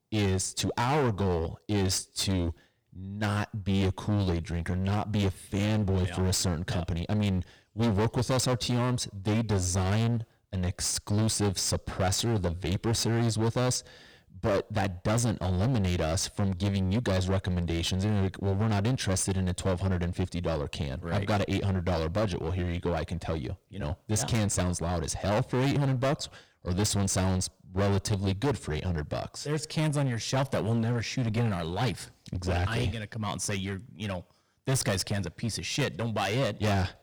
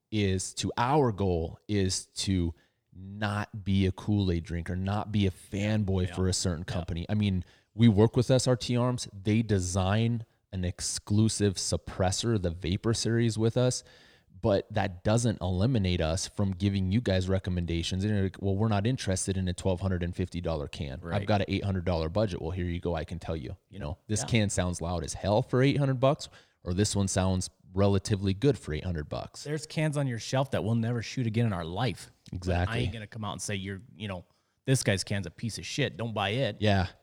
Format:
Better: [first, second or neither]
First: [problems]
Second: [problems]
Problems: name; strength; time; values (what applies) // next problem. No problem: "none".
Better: second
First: distortion; heavy; 18% of the sound clipped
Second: none